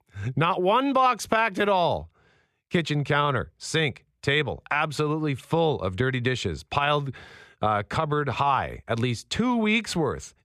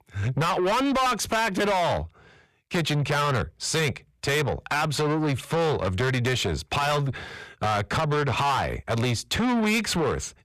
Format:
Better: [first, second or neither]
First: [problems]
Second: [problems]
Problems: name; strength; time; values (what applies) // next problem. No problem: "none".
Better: first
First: none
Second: distortion; heavy; 6 dB below the speech